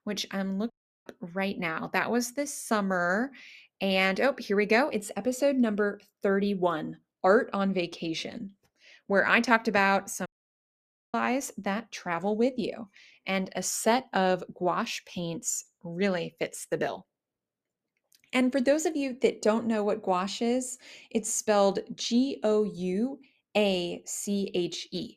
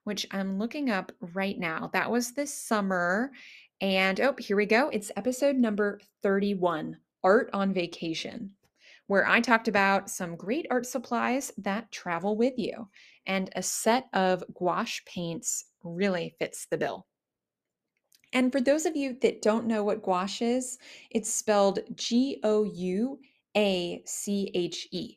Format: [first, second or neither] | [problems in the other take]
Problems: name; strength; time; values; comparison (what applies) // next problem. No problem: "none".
second | audio cutting out; at 0.5 s and at 10 s for 1 s